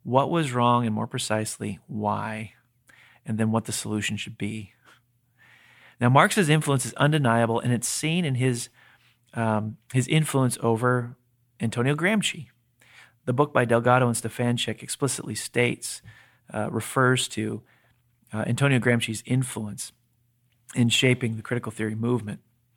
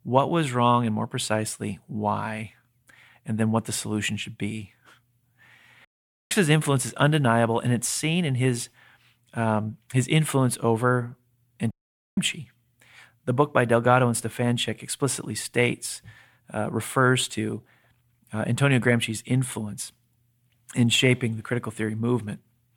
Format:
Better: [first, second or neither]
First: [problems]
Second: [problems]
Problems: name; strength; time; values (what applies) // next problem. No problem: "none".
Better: first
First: none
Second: audio cutting out; at 6 s and at 12 s